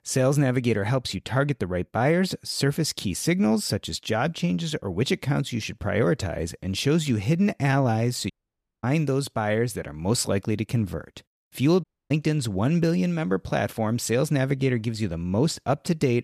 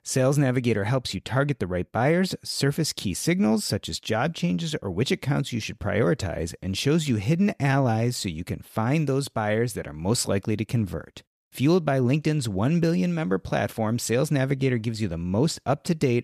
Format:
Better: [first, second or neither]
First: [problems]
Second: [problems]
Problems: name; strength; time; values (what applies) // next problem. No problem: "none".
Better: second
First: audio cutting out; at 8.5 s for 0.5 s and at 12 s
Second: none